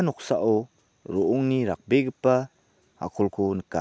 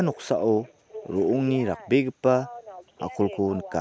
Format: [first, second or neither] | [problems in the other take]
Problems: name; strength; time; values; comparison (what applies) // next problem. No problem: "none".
first | background sound (Telephone); 16 dB below the speech